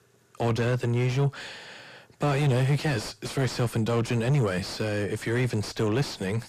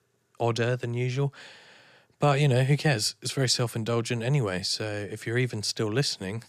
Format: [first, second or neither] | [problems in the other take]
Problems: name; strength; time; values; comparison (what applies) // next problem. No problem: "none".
second | distortion; heavy; 6 dB below the speech